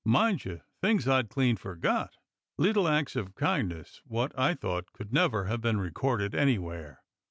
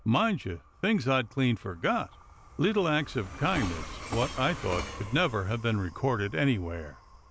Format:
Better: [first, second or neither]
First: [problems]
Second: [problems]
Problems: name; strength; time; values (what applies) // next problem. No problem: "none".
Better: first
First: none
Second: background sound (Train); 13 dB below the speech